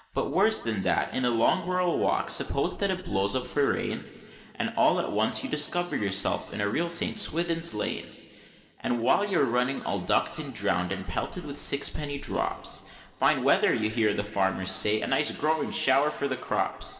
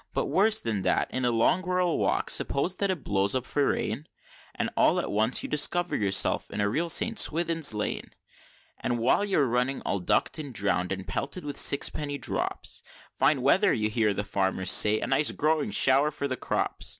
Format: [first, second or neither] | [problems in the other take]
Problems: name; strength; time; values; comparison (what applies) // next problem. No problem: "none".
second | room echo; dies away in 2.1 s